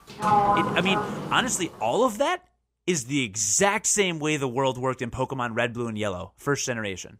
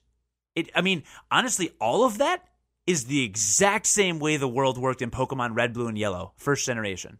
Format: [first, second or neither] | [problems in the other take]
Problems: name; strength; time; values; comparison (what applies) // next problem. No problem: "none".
second | door banging; loud; until 1.5 s; peak 5 dB above the speech